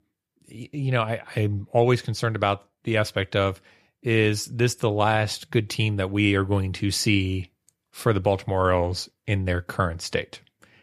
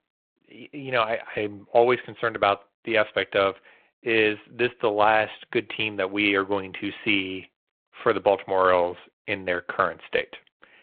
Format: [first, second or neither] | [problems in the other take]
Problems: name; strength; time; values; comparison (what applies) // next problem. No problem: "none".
first | phone-call audio